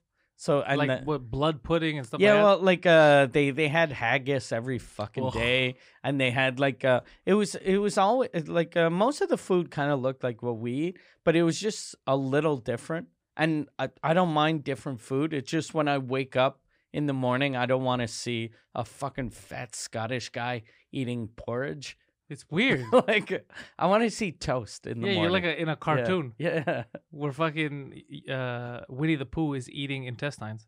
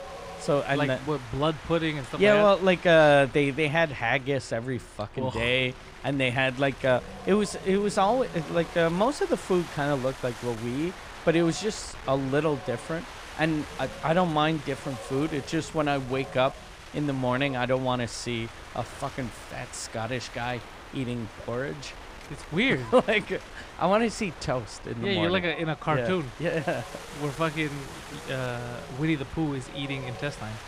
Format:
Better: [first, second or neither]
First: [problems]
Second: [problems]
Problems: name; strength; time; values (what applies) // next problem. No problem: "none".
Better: first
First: none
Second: wind noise on the microphone; occasional gusts; 15 dB below the speech